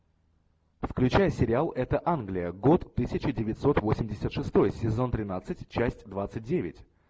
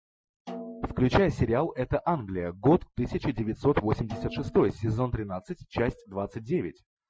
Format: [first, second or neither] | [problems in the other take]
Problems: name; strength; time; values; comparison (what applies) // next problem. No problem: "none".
first | noise reduction (classical method Wiener filter)